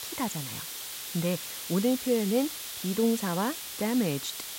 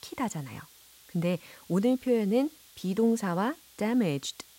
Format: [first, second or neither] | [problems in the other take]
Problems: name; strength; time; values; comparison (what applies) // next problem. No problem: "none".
second | hiss; loud; throughout; 6 dB below the speech; faint in the second